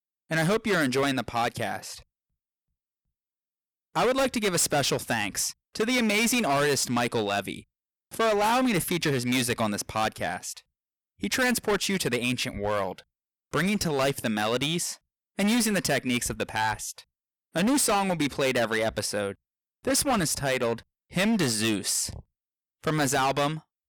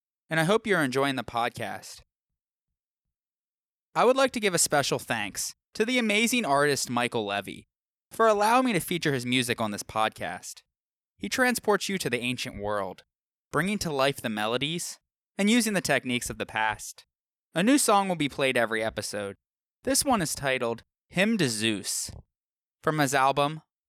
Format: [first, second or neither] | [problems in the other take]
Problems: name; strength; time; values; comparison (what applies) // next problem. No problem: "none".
second | distortion; heavy; 12% of the sound clipped